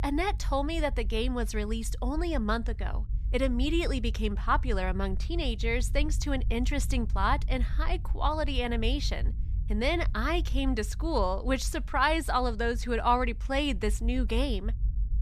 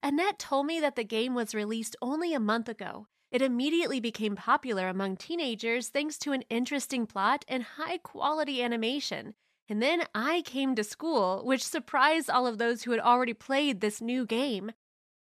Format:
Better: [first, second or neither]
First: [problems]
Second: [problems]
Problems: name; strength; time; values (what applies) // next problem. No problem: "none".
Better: second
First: low rumble; faint; throughout; 25 dB below the speech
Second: none